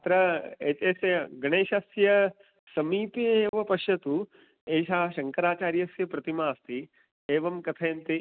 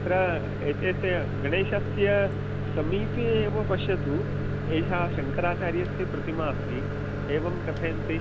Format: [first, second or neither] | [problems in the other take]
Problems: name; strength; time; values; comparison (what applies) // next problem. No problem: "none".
first | background sound (Microwave oven); as loud as the speech